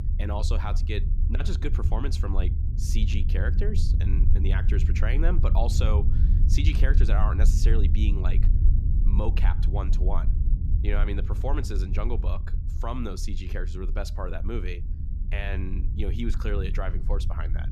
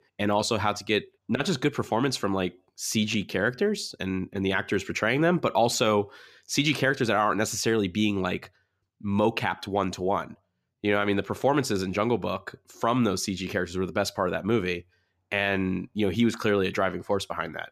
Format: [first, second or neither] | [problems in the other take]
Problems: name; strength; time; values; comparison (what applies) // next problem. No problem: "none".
second | low rumble; loud; throughout; 8 dB below the speech